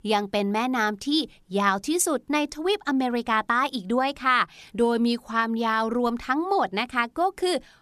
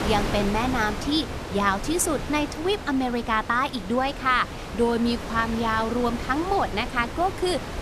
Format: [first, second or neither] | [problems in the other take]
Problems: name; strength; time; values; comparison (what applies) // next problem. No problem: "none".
first | wind noise on the microphone; heavy; 10 dB below the speech